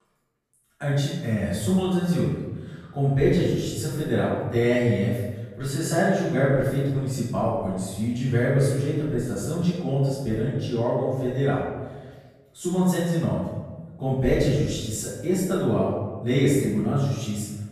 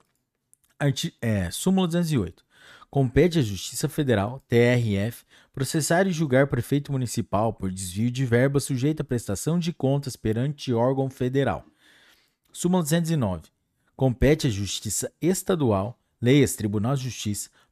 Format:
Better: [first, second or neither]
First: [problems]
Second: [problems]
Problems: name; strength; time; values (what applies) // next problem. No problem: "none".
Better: second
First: off-mic speech; far // room echo; strong; dies away in 1.1 s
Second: none